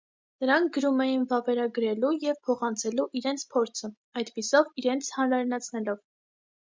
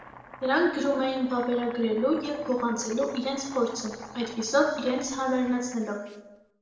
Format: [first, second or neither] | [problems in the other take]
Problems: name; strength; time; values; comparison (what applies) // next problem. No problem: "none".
first | background sound (Domestic sounds, home sounds); 18 dB below the speech // room echo; dies away in 1 s